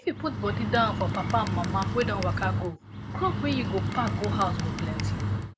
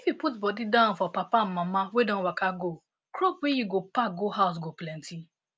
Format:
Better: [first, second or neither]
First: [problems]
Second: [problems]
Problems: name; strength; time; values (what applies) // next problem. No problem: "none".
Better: second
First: background sound (Bird); as loud as the speech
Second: none